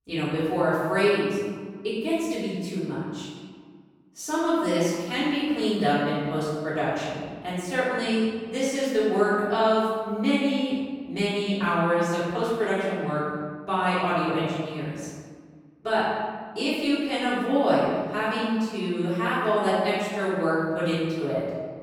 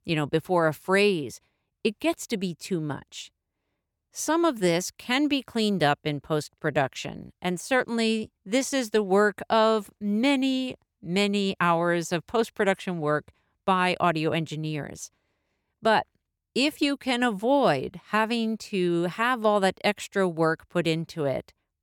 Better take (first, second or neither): second